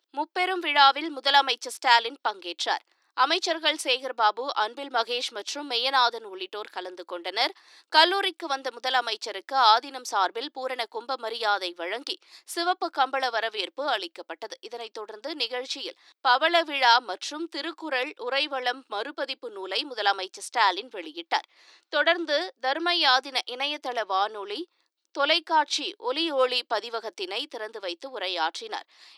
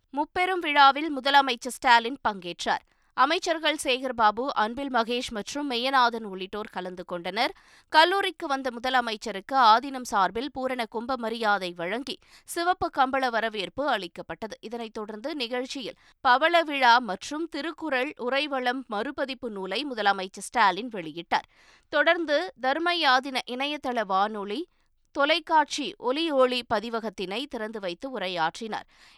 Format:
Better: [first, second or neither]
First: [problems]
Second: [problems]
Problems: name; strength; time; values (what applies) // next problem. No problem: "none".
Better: second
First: thin; somewhat; fading below 300 Hz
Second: none